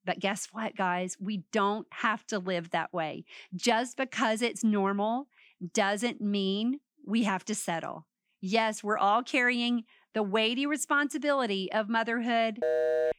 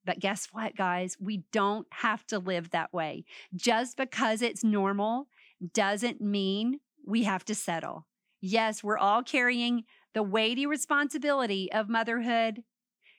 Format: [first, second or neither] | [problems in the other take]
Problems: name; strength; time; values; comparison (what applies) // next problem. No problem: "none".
second | phone ringing; loud; at 13 s; peak 2 dB above the speech